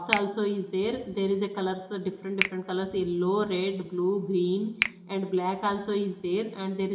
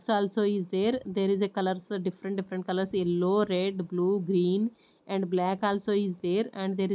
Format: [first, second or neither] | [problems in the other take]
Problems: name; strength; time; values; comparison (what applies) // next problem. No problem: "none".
second | background sound (Finger snapping); 10 dB below the speech // room echo; dies away in 1 s